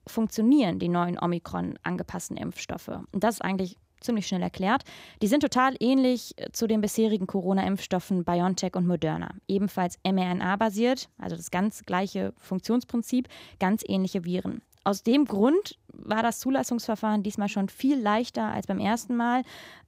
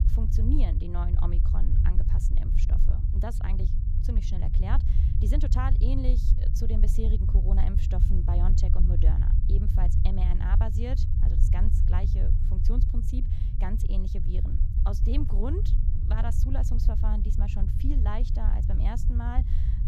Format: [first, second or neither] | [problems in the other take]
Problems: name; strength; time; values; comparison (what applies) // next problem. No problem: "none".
first | low rumble; loud; throughout; 4 dB below the speech